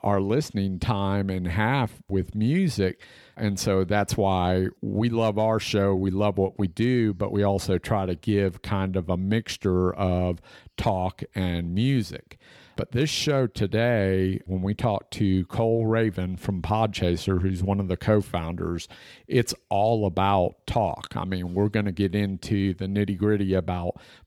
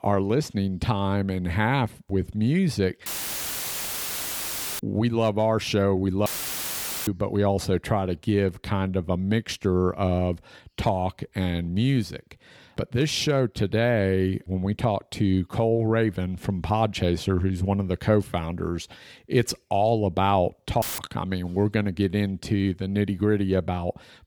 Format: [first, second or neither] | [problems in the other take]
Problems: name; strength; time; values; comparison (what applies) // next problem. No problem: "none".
first | audio cutting out; filled with static; at 3 s for 1.5 s, at 6.5 s for 1 s and at 21 s